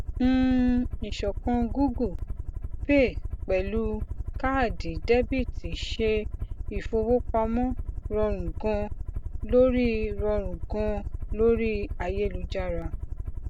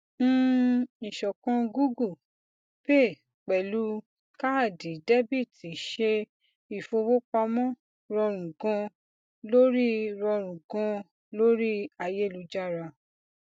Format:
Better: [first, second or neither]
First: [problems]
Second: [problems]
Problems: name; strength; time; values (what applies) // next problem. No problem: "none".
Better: second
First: background sound (Aircraft); 4 dB below the speech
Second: none